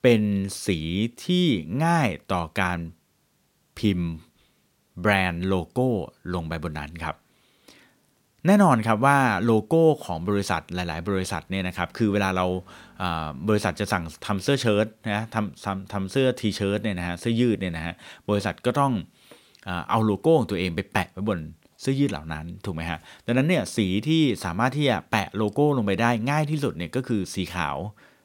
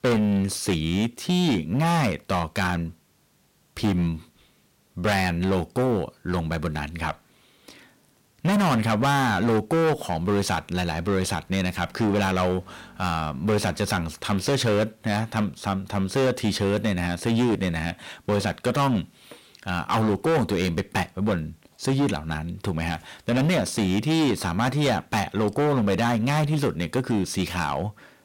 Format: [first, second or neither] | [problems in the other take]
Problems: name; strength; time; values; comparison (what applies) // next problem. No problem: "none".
first | distortion; heavy; 14% of the sound clipped